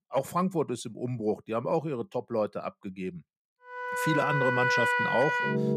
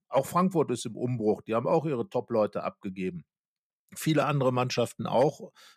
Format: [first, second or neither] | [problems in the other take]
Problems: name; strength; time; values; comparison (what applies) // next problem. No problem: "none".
second | background music; very loud; from 4 s on; 4 dB above the speech